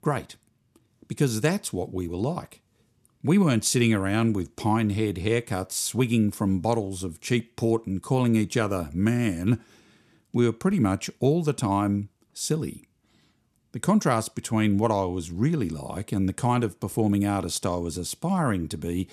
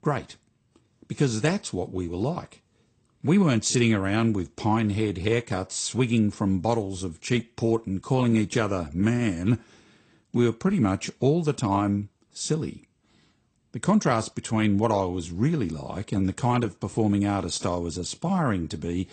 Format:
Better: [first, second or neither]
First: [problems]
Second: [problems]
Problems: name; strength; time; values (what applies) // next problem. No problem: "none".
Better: first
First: none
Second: garbled, watery; slightly; nothing above 8.5 kHz